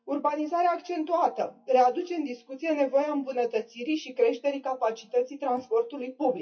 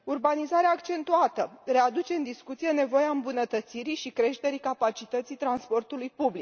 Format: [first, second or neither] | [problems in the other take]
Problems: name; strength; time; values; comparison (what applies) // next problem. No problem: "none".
second | noise reduction (classical method WPE with log-MMSE)